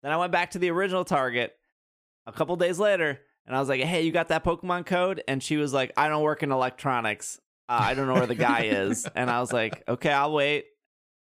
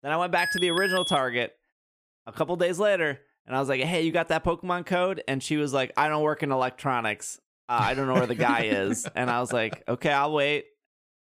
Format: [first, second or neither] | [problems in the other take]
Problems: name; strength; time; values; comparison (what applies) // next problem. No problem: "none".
first | alarm; noticeable; at 0.5 s; peak 1 dB below the speech